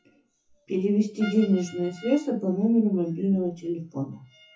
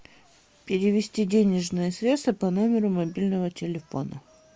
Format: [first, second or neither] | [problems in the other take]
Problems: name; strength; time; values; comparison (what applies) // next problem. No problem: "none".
second | noise reduction (classical method WPE with log-MMSE)